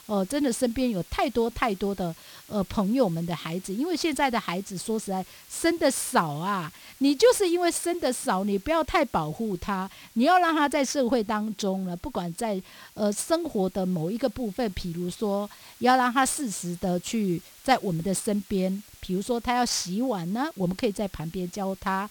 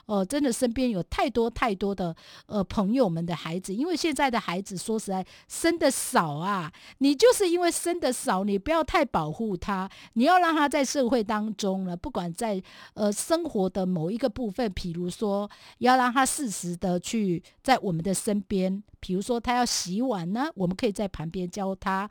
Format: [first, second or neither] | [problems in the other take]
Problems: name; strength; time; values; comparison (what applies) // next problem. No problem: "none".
second | hiss; faint; throughout; 25 dB below the speech